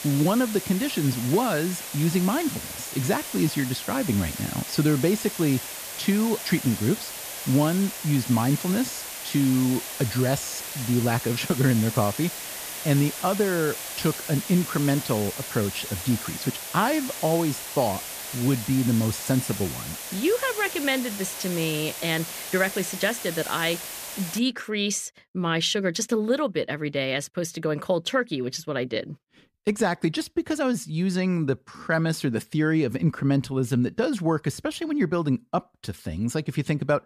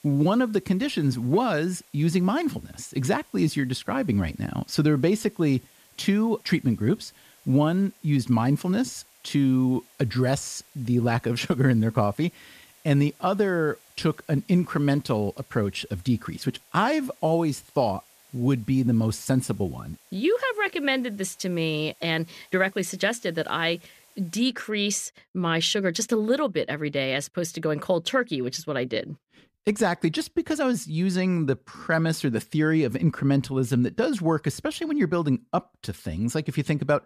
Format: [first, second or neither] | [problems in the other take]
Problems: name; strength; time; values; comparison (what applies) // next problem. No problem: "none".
second | hiss; loud; until 24 s; 7 dB below the speech; faint in the second